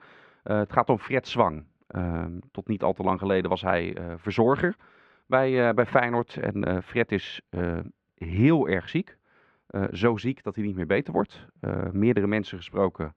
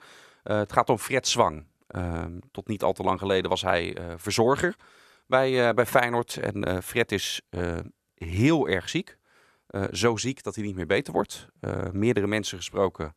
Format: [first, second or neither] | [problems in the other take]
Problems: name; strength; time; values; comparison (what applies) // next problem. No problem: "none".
second | muffled; very; fading above 2.5 kHz